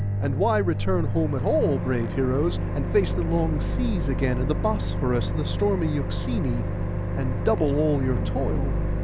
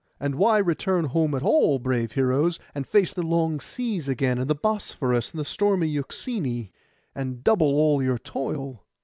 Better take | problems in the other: second | background sound (Microwave oven); as loud as the speech

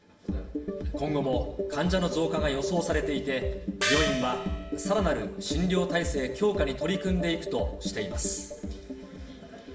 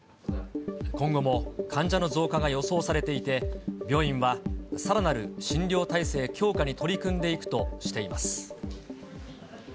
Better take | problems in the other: second | background sound (Gong); 3 dB below the speech // room echo; dies away in 0.8 s

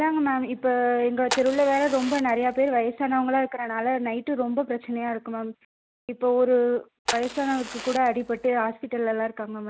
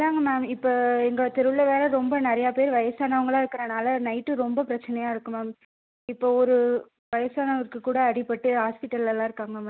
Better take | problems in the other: second | background sound (Fire); 10 dB below the speech

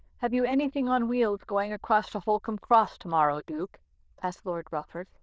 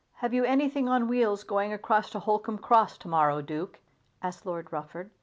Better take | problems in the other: second | noise reduction (neural diffusion model UNIVERSE++)

